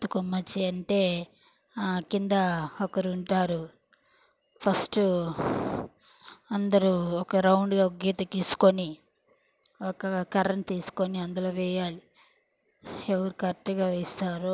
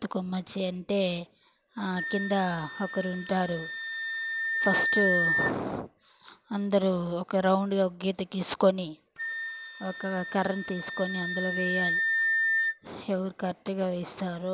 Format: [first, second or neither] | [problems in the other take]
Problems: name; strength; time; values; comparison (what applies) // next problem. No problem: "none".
first | background sound (Wind instrument, woodwind instrument); 3 dB below the speech